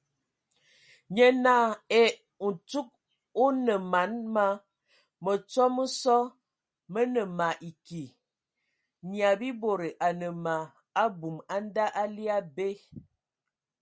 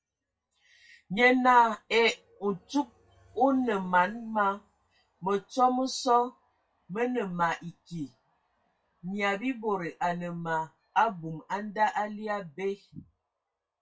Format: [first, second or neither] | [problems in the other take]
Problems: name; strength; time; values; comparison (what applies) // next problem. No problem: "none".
first | noise reduction (classical method WPE with log-MMSE)